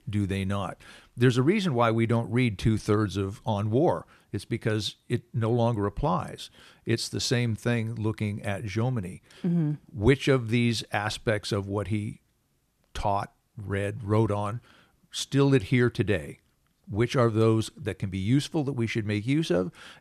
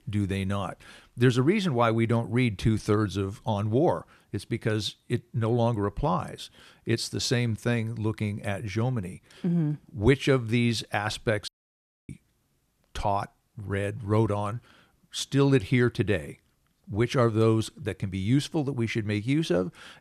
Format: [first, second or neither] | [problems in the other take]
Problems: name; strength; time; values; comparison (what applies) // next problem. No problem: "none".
first | audio cutting out; at 11 s for 0.5 s